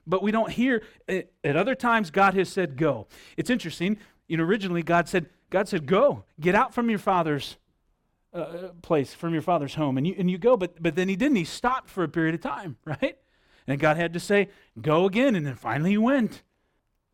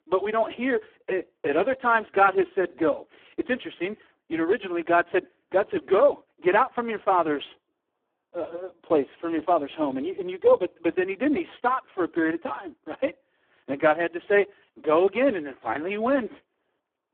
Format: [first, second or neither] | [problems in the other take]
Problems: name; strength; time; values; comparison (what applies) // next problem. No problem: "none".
first | phone-call audio; poor line